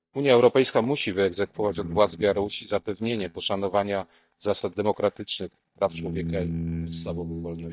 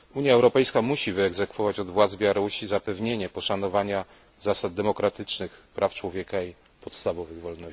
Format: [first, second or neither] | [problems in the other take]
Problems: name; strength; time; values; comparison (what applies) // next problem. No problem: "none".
second | noise reduction (neural mask model DeepFilterNet 3)